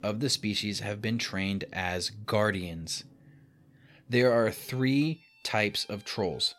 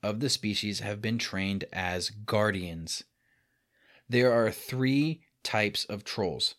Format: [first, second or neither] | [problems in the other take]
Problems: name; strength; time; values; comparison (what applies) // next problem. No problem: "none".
second | background music; faint; throughout; 25 dB below the speech